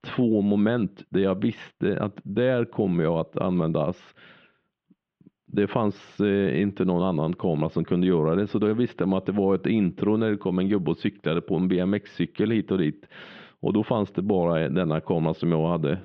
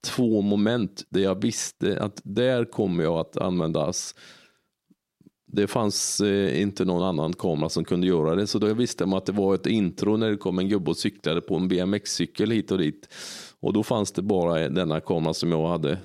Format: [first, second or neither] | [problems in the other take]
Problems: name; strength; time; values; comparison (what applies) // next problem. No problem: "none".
second | muffled; very; fading above 3 kHz